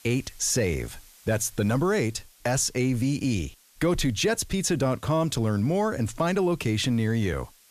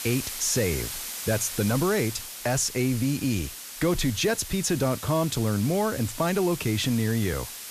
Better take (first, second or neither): first